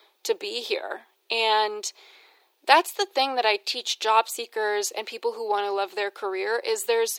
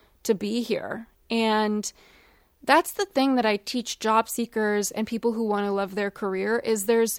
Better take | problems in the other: second | thin; very; fading below 350 Hz

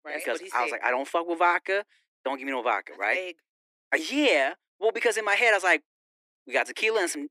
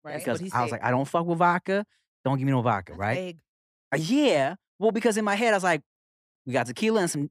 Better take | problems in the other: second | thin; somewhat; fading below 300 Hz

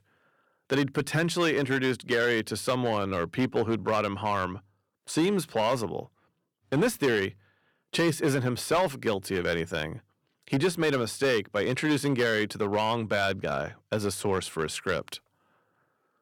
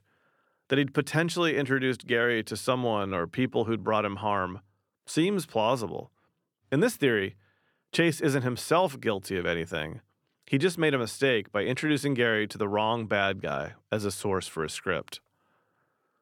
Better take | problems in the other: second | distortion; slight; 5% of the sound clipped

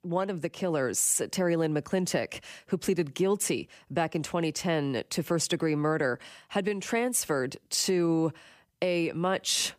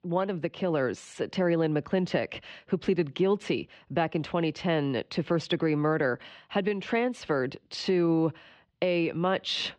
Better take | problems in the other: first | muffled; slightly; fading above 4 kHz

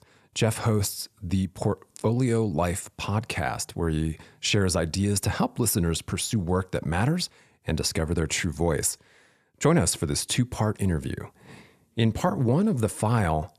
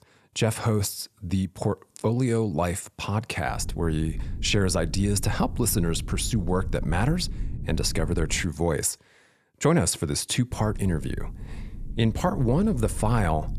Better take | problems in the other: first | low rumble; faint; from 3.5 to 8.5 s and from 11 s on; 20 dB below the speech

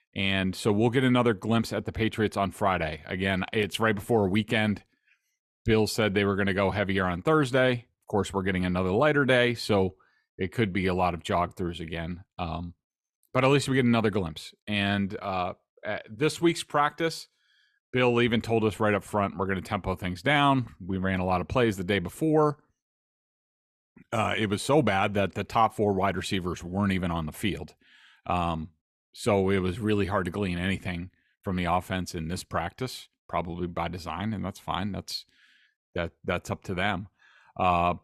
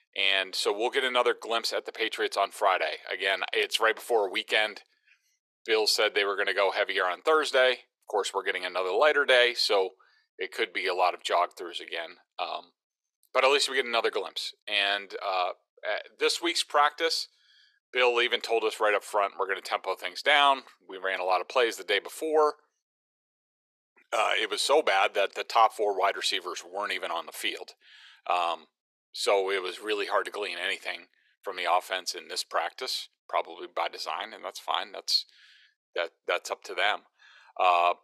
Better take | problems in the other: first | thin; very; fading below 400 Hz

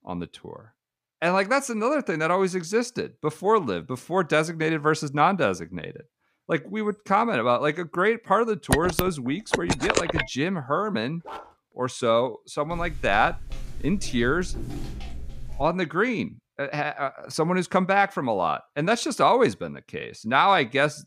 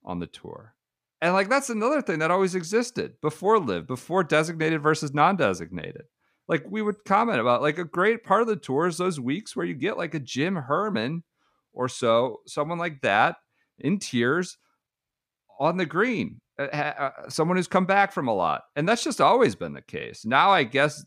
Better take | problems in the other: second | phone ringing; loud; from 8.5 to 10 s; peak level with the speech // dog barking; faint; at 11 s; peak 15 dB below the speech // footsteps; faint; from 13 to 16 s; peak 10 dB below the speech

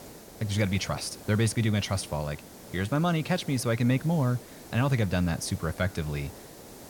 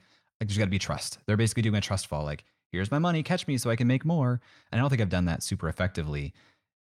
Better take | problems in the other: second | hiss; noticeable; throughout; 15 dB below the speech

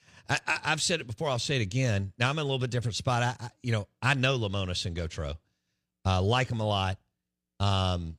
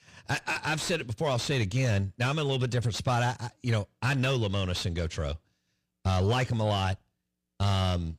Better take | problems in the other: first | distortion; slight; 10 dB below the speech

